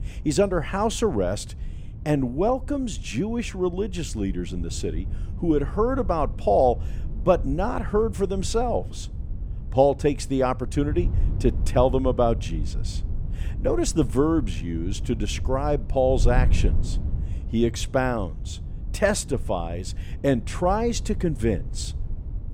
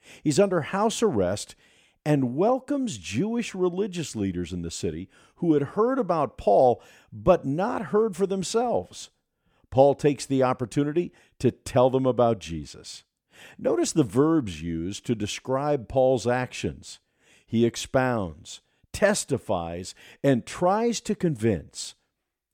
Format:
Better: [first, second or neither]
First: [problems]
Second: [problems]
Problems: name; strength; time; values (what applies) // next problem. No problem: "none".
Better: second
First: wind noise on the microphone; occasional gusts; 20 dB below the speech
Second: none